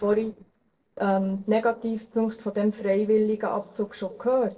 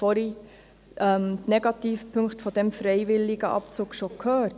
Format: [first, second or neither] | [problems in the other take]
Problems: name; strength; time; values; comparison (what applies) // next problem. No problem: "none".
second | noise reduction (neural separator model SepFormer DNS4)